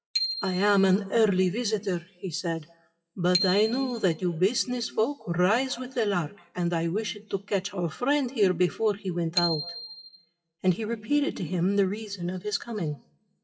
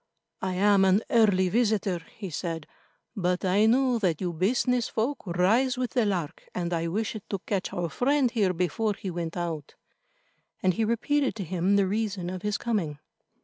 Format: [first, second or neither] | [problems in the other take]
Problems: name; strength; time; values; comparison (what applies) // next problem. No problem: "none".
second | noise reduction (classical method WPE with log-MMSE)